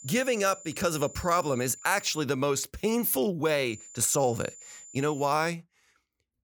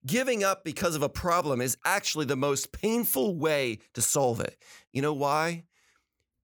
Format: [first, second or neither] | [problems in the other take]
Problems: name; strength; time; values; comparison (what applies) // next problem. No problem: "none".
second | high-pitched whine; noticeable; until 2 s and from 3.5 to 5.5 s; 7 kHz, 20 dB below the speech